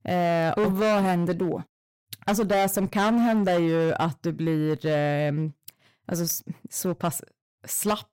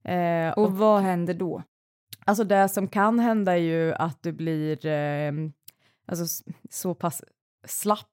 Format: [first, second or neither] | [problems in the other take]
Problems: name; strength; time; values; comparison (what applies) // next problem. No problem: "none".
second | distortion; heavy; 12% of the sound clipped